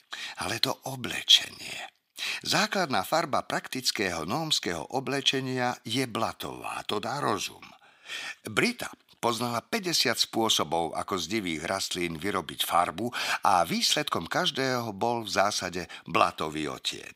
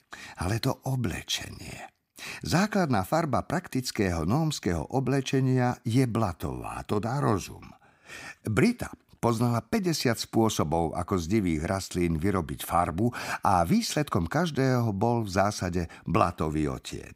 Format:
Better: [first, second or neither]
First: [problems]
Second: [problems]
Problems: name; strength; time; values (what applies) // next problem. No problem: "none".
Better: second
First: thin; somewhat; fading below 650 Hz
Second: none